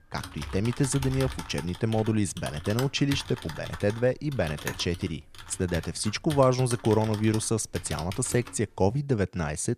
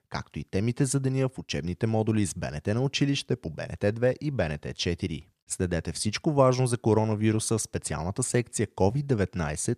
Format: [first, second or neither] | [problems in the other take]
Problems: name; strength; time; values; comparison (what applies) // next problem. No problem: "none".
second | keyboard typing; noticeable; until 9 s; peak 8 dB below the speech